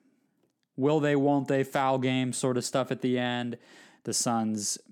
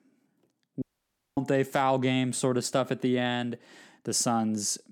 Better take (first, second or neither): first